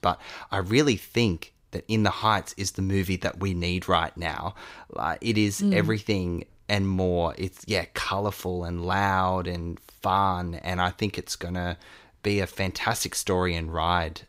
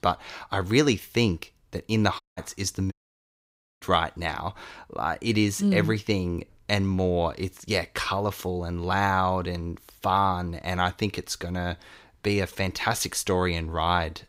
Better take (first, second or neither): first